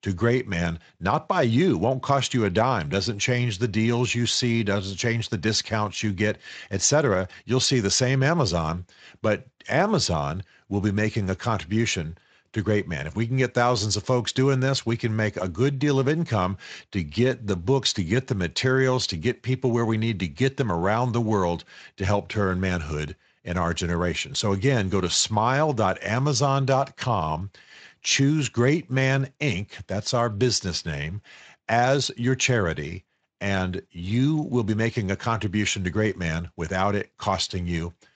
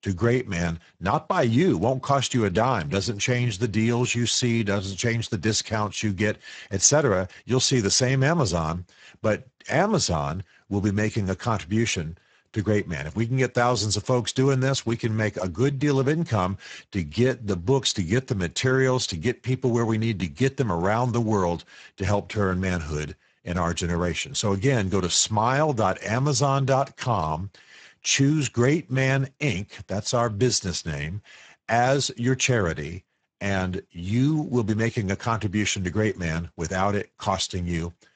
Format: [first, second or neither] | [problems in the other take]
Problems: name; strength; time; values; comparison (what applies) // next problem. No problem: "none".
first | garbled, watery; badly; nothing above 7.5 kHz; slightly in the first